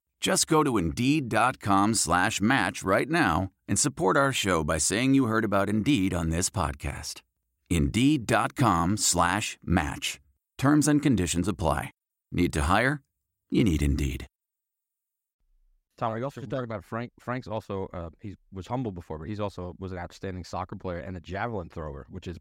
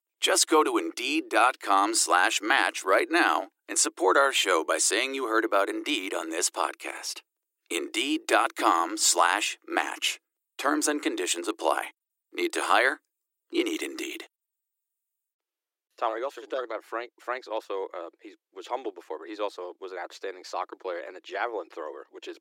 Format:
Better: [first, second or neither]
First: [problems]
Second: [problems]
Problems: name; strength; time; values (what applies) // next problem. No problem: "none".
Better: first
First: none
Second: thin; very; fading below 300 Hz